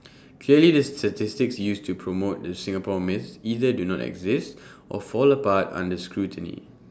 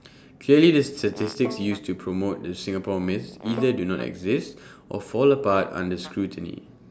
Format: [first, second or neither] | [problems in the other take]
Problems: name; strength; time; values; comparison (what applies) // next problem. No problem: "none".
first | background sound (Fart + Bowed string instrument); 18 dB below the speech